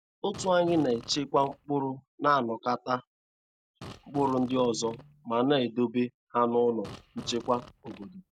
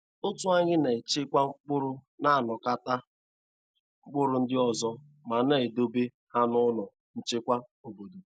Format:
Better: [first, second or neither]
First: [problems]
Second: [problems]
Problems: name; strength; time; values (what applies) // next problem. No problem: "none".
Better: second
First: background sound (Fart); 18 dB below the speech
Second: none